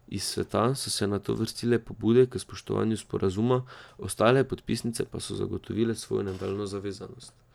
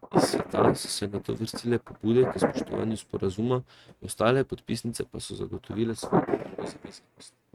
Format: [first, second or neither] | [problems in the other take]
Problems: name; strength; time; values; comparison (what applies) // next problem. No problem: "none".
first | noise reduction (neural mask model RNNoise)